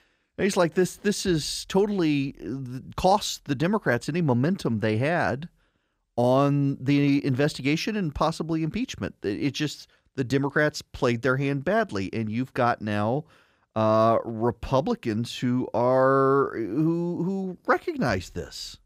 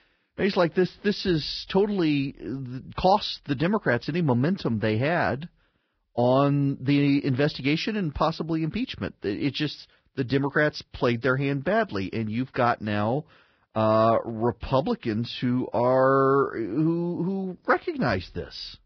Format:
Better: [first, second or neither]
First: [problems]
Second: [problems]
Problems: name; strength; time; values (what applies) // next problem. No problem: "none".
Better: first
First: none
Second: garbled, watery; badly; nothing above 5.5 kHz